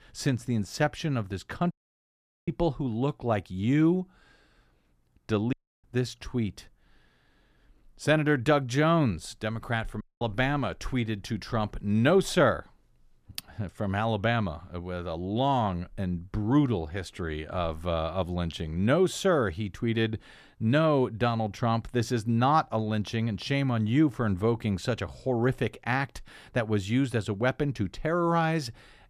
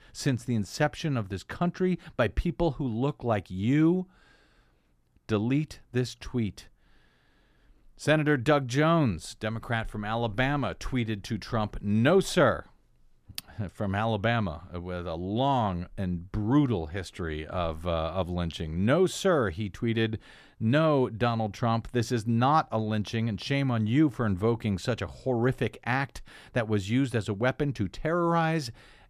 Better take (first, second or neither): second